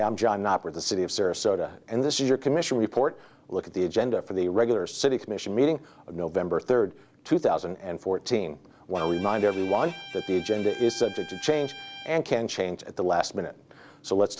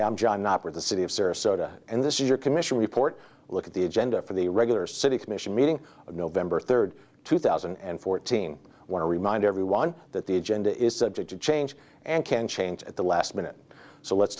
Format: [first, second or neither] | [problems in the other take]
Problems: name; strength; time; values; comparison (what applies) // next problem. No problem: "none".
second | background sound (Bowed string instrument); 16 dB below the speech